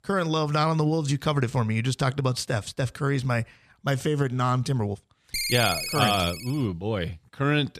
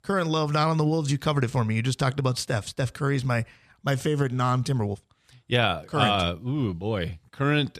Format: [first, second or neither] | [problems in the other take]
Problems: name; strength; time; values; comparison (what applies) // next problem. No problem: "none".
second | phone ringing; noticeable; from 5.5 to 6.5 s; peak 1 dB below the speech